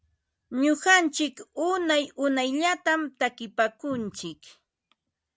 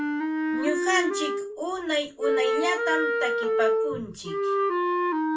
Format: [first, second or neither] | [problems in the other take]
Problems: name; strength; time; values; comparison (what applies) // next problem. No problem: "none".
first | background sound (Wind instrument, woodwind instrument); 5 dB above the speech // room echo; dies away in 0.2 s